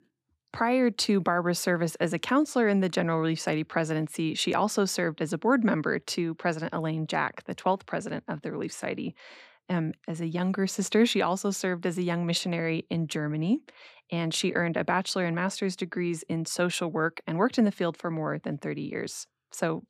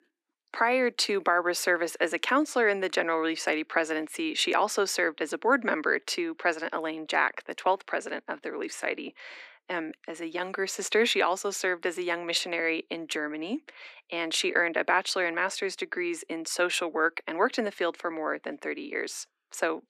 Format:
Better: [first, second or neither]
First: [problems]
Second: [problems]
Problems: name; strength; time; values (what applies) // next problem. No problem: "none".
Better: first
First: none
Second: thin; somewhat; fading below 300 Hz